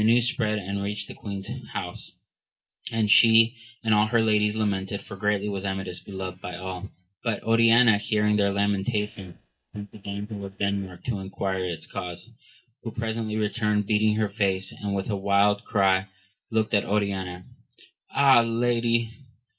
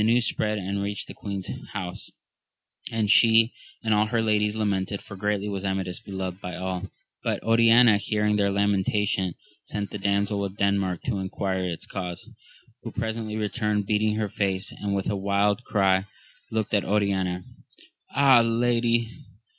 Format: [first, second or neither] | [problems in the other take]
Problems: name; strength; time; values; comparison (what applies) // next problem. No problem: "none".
second | noise reduction (neural mask model DeepFilterNet 3)